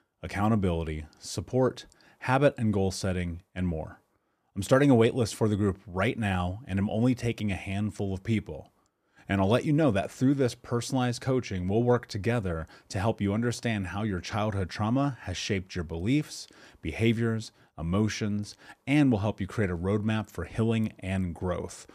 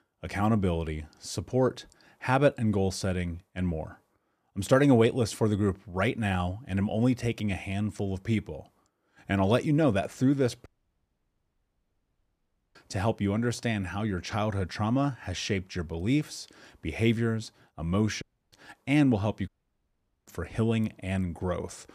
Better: first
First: none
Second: audio cutting out; at 11 s for 2 s, at 18 s and at 19 s for 1 s

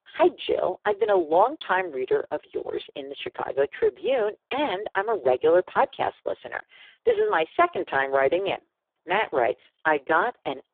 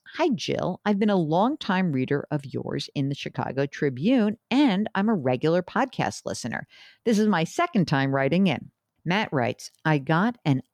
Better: second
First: phone-call audio; poor line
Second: none

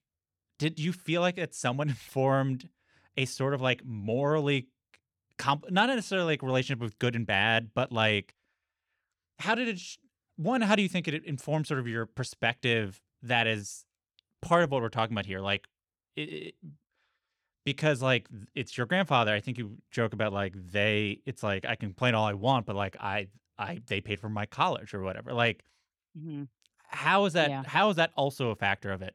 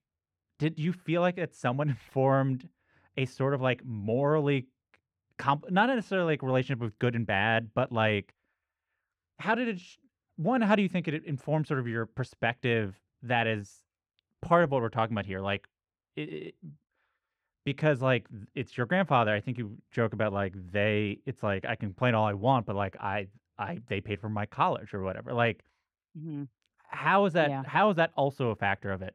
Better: first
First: none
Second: muffled; slightly; fading above 3 kHz

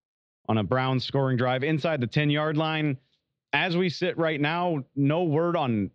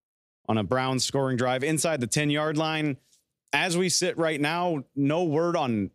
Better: second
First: muffled; slightly; fading above 4 kHz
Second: none

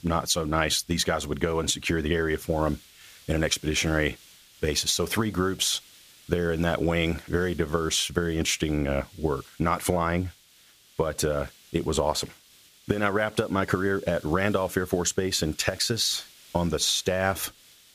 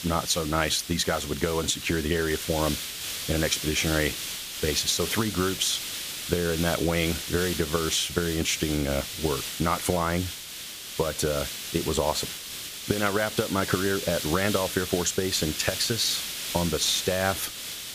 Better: first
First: hiss; faint; throughout; 25 dB below the speech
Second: hiss; loud; throughout; 5 dB below the speech

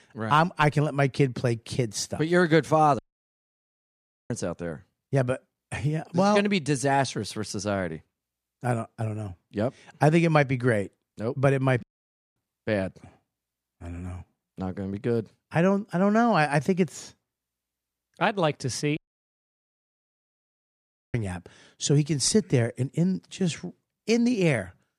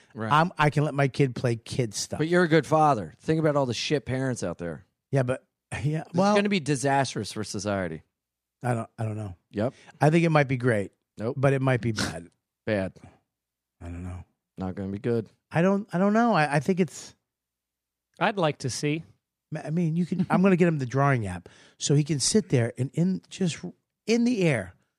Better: second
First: audio cutting out; at 3 s for 1.5 s, at 12 s for 0.5 s and at 19 s for 2 s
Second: none

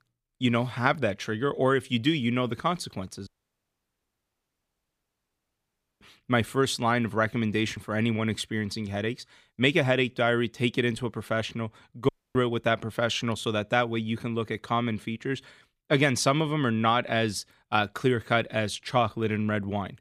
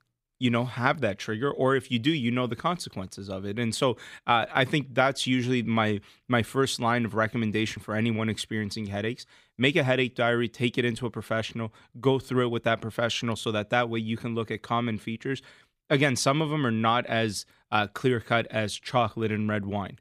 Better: second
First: audio cutting out; at 3.5 s for 2.5 s and at 12 s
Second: none

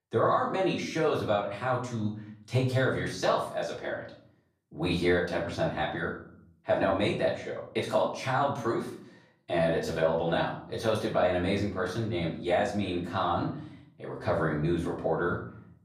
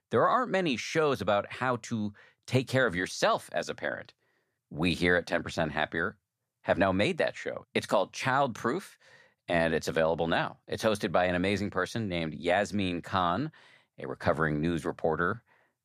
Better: second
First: off-mic speech; far // room echo; slight; dies away in 0.6 s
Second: none

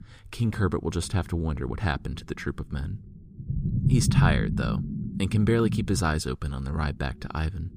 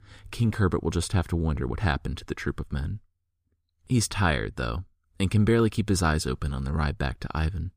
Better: second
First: low rumble; loud; throughout; 7 dB below the speech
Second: none

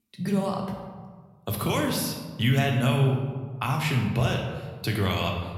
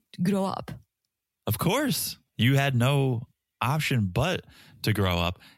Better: second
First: room echo; noticeable; dies away in 1.1 s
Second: none

